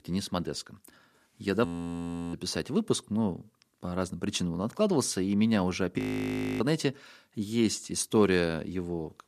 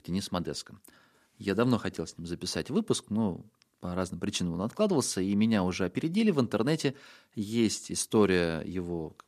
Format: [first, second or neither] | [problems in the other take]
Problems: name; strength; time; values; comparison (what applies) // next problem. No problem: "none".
second | audio freezing; at 1.5 s for 0.5 s and at 6 s for 0.5 s